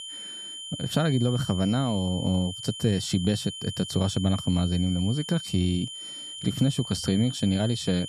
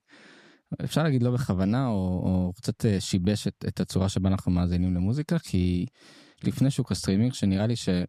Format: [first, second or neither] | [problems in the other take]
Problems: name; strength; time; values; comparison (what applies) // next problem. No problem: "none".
second | high-pitched whine; loud; throughout; 3 kHz, 9 dB below the speech